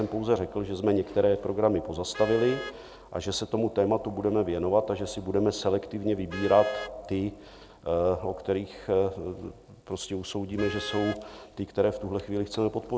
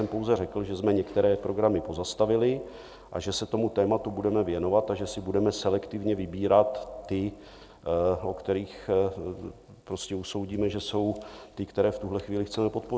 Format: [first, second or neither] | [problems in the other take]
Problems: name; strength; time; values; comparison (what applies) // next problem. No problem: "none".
second | background sound (Vehicle horn, car horn, honking); 17 dB below the speech